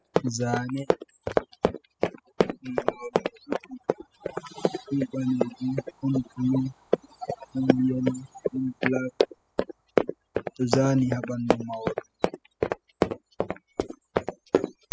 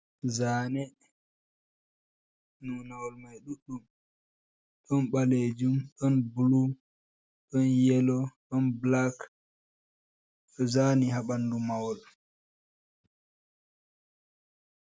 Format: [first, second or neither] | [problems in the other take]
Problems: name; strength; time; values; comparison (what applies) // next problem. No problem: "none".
second | noise reduction (classical method spectral subtraction)